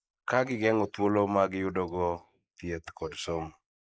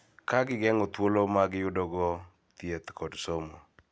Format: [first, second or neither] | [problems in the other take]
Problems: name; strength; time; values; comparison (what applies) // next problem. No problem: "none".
second | noise reduction (neural mask model Resemble Enhance denoiser)